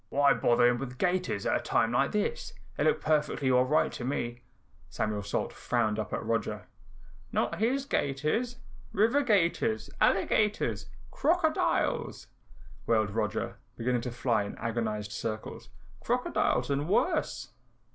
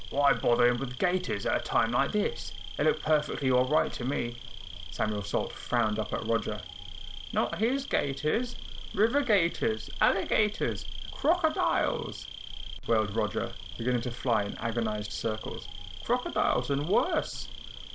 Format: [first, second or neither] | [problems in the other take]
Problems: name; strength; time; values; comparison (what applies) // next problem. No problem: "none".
first | background sound (Insect); 10 dB below the speech